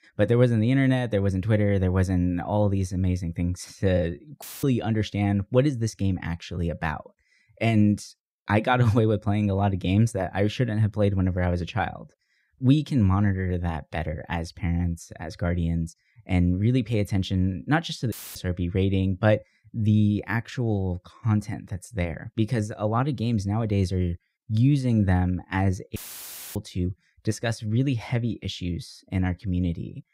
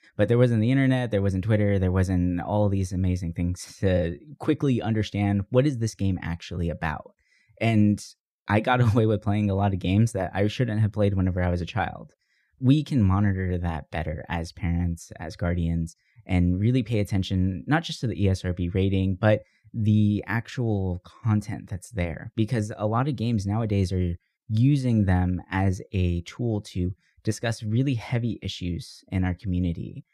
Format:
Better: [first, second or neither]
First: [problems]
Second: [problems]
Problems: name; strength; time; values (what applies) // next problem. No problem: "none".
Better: second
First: audio cutting out; filled with static; at 4.5 s, at 18 s and at 26 s for 0.5 s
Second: none